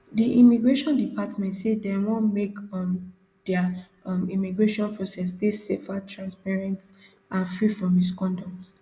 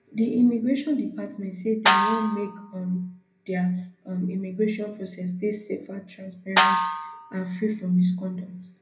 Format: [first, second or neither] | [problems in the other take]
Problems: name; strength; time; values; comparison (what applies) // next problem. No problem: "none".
first | background sound (Snare drum); 1 dB above the speech // room echo; dies away in 0.3 s